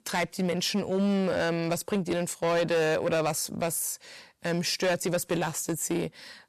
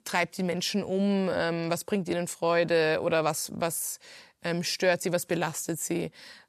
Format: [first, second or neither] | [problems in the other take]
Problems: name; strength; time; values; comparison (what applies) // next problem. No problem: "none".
second | distortion; slight; 10% of the sound clipped